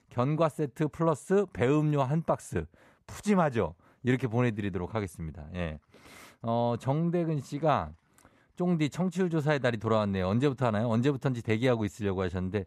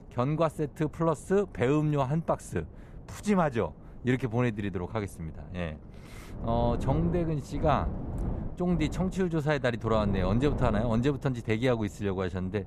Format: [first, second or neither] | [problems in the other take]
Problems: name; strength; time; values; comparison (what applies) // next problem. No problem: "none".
first | wind noise on the microphone; occasional gusts; 15 dB below the speech